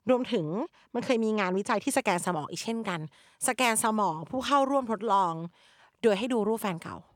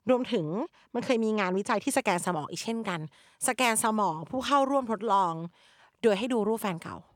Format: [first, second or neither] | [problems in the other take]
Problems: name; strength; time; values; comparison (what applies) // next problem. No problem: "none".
neither | none